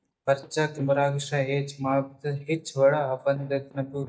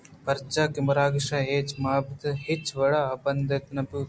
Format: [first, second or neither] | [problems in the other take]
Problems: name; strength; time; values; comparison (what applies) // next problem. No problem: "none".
second | noise reduction (neural mask model DeepFilterNet 3)